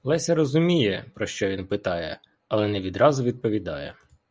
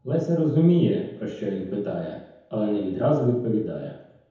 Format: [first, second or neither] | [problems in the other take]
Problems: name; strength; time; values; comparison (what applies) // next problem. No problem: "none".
first | room echo; dies away in 1 s